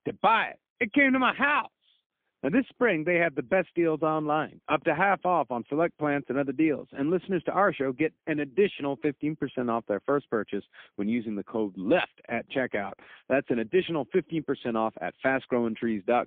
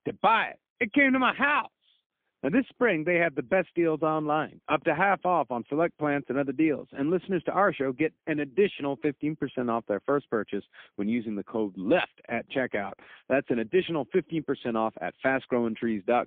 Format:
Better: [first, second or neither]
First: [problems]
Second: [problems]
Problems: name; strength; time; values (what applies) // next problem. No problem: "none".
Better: neither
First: phone-call audio; poor line; nothing above 3.5 kHz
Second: phone-call audio; poor line; nothing above 3.5 kHz